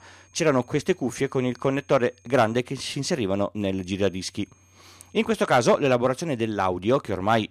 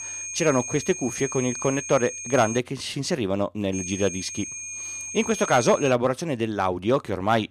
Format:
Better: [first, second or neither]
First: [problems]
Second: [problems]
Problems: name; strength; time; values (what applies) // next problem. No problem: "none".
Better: first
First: high-pitched whine; faint; until 2.5 s and from 3.5 to 6 s; 6.5 kHz, 35 dB below the speech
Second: high-pitched whine; loud; until 2.5 s and from 3.5 to 6 s; 6.5 kHz, 7 dB below the speech